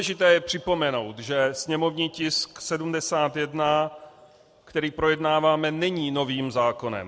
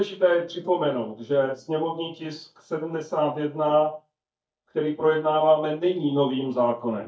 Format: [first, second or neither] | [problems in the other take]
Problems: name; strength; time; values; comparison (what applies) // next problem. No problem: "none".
first | noise reduction (neural mask model DeepFilterNet 3)